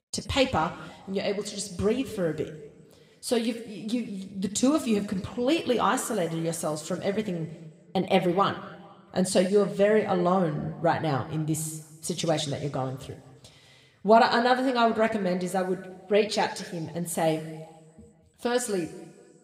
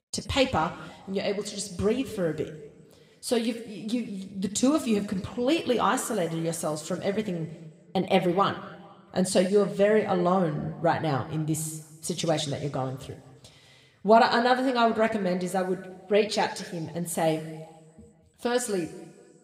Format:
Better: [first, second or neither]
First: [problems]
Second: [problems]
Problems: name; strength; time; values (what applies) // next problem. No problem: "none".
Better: neither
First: room echo; very slight; dies away in 1.3 s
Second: room echo; very slight; dies away in 1.3 s